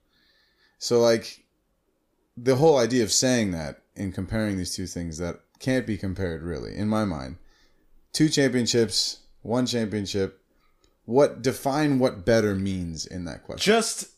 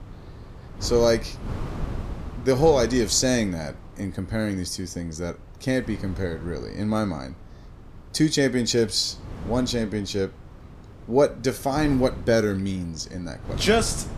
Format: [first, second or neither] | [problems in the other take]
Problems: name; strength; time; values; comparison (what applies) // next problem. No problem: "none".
first | wind noise on the microphone; occasional gusts; 20 dB below the speech